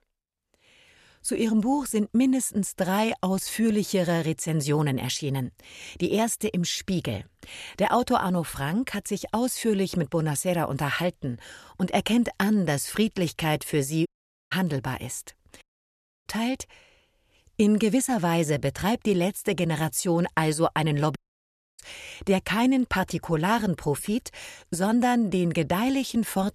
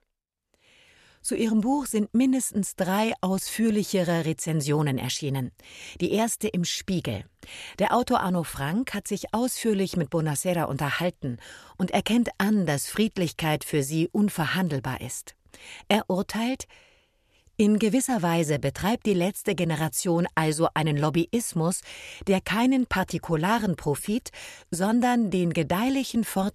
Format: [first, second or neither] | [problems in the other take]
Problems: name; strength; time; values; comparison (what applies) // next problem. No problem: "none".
second | audio cutting out; at 14 s, at 16 s for 0.5 s and at 21 s for 0.5 s